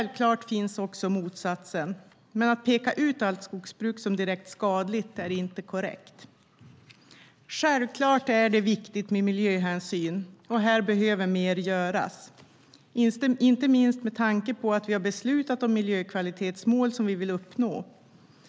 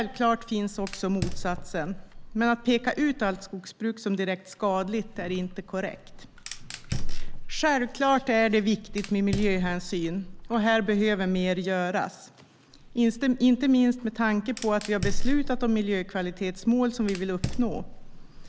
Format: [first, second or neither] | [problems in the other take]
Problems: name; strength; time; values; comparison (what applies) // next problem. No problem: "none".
first | background sound (Fire); 6 dB below the speech